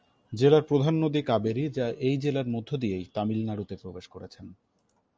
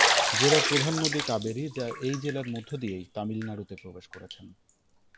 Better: first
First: none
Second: background sound (Bathtub (filling or washing)); 1 dB above the speech

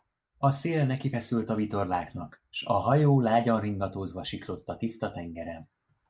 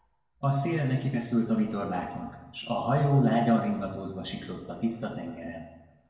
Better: first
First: none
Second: room echo; dies away in 1 s

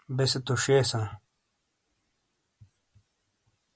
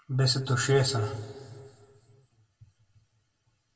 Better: first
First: none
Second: room echo; dies away in 2 s

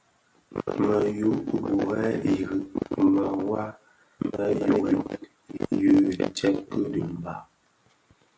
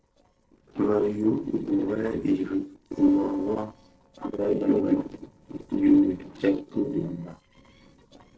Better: first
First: none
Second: noise reduction (neural separator model SepFormer DNS4)

